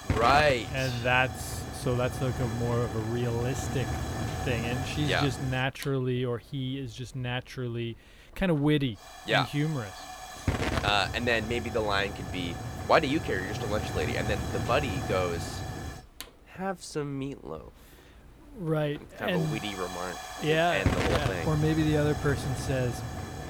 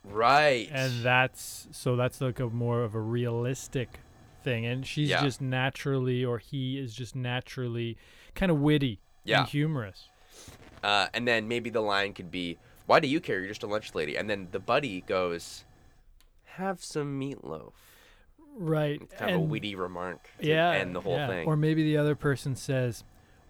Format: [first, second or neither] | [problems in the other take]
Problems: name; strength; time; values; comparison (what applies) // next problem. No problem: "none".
second | hiss; loud; throughout; 6 dB below the speech; faint in the second